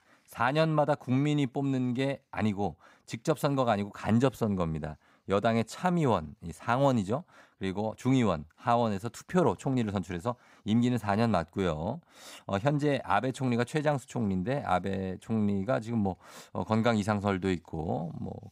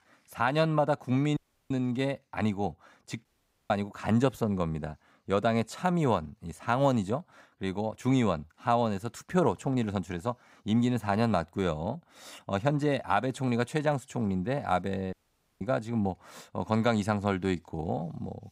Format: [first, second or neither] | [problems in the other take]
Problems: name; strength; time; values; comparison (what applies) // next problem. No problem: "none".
first | audio cutting out; at 1.5 s, at 3.5 s and at 15 s